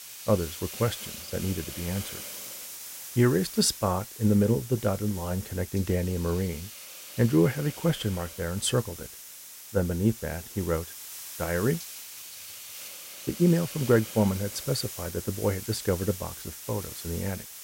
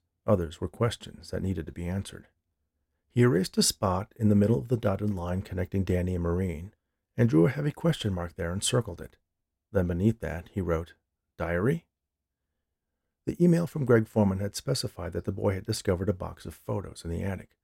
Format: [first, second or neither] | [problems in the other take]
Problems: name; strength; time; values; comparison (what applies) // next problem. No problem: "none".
second | hiss; noticeable; throughout; 10 dB below the speech